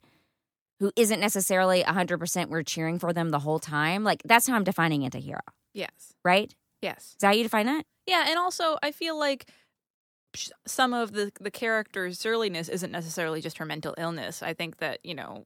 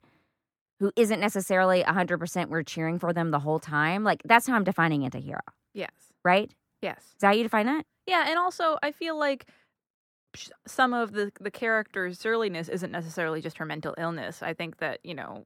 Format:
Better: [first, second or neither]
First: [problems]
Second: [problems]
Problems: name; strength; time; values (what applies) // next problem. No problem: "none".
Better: first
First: none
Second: muffled; slightly; fading above 3 kHz